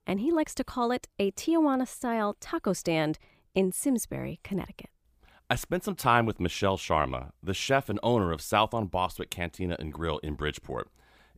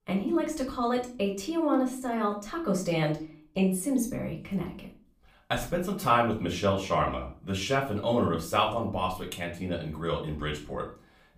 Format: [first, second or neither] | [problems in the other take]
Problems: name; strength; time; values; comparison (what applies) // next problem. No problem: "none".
first | off-mic speech; far // room echo; slight; dies away in 0.4 s